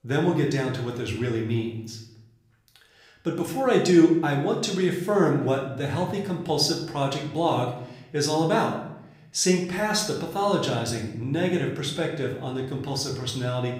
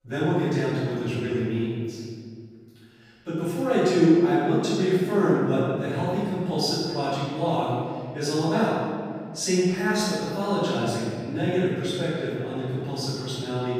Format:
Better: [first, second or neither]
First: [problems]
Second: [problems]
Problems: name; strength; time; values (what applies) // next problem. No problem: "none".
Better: first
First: room echo; slight; dies away in 0.7 s // off-mic speech; somewhat distant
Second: room echo; strong; dies away in 2 s // off-mic speech; far